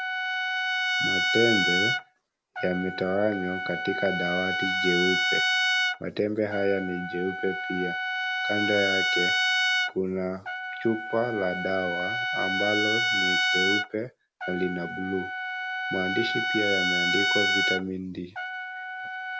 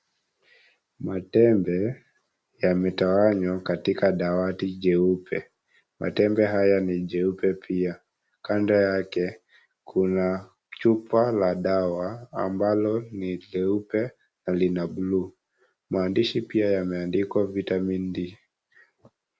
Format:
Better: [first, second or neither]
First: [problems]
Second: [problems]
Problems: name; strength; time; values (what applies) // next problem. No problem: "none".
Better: second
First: background sound (Trumpet); 2 dB above the speech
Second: none